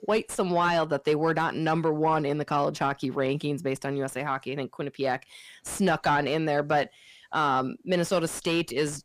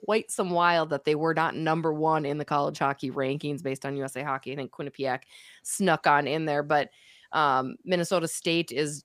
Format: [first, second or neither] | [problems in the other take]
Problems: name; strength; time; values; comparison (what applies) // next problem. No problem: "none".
second | distortion; slight; 10 dB below the speech